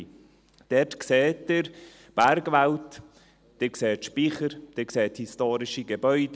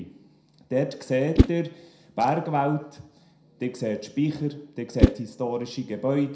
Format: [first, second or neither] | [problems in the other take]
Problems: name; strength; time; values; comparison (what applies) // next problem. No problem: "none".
first | background sound (Whoosh, swoosh, swish); as loud as the speech // room echo; dies away in 0.4 s